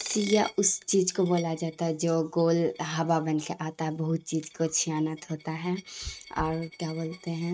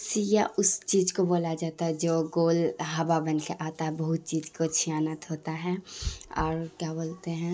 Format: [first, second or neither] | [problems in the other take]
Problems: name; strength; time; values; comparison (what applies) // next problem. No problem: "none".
second | noise reduction (neural mask model RNNoise)